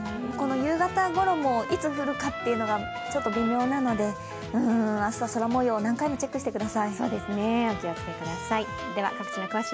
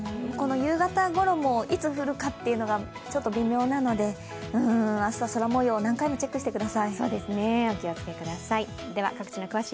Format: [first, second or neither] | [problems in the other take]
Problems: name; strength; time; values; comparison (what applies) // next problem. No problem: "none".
second | background sound (Trumpet); 11 dB below the speech